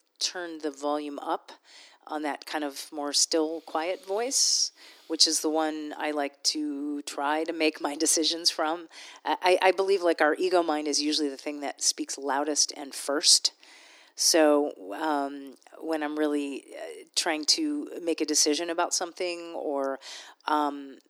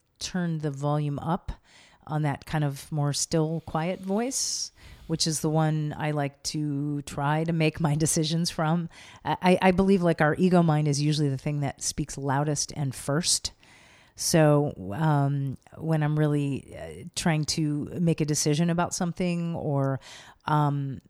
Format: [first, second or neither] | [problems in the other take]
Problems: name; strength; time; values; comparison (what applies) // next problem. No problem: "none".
second | thin; somewhat; fading below 300 Hz